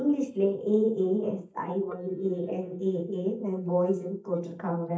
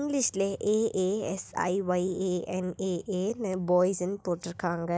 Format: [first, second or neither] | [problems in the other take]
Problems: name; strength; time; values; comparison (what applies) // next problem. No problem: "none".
second | noise reduction (neural mask model DeepFilterNet 3)